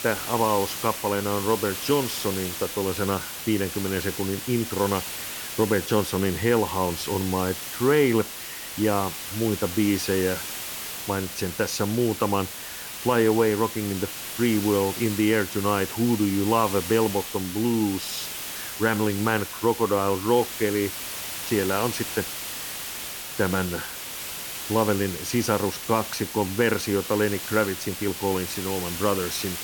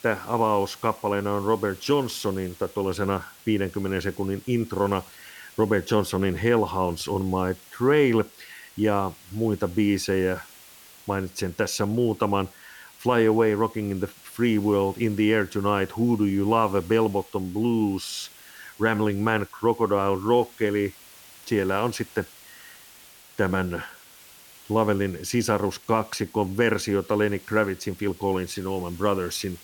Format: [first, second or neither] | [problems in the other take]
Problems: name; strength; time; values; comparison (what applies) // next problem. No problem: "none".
second | hiss; loud; throughout; 6 dB below the speech; faint in the second